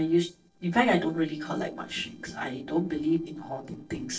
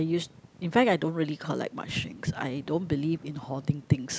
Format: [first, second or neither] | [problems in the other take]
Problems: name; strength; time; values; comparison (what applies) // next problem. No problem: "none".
second | noise reduction (neural separator model SepFormer DNS4)